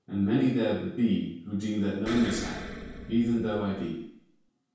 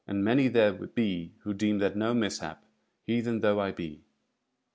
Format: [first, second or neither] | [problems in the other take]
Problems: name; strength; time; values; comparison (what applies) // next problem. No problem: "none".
second | background sound (Explosion); 12 dB below the speech // room echo; dies away in 0.6 s